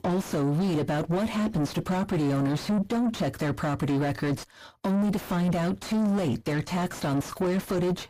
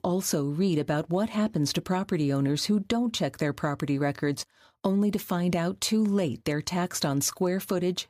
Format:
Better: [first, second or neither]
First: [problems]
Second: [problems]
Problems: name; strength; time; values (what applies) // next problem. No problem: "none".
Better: second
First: distortion; heavy; 6 dB below the speech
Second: none